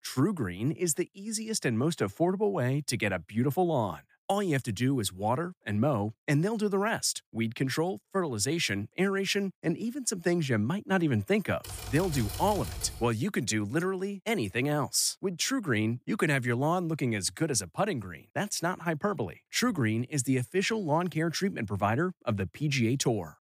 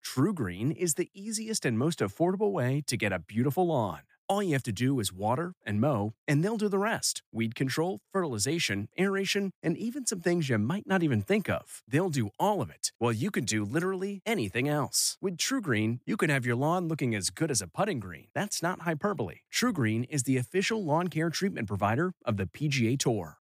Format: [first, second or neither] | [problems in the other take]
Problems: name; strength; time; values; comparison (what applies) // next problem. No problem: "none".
second | keyboard typing; noticeable; from 12 to 13 s; peak 8 dB below the speech